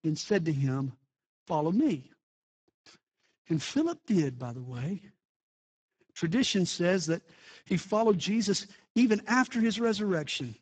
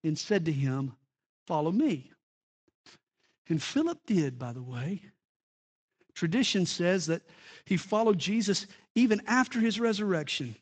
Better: second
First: garbled, watery; badly; nothing above 7.5 kHz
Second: garbled, watery; slightly; nothing above 7.5 kHz

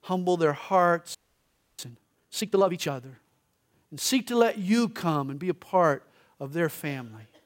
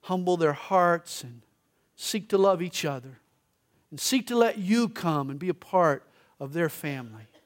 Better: second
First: audio freezing; at 1 s for 0.5 s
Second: none

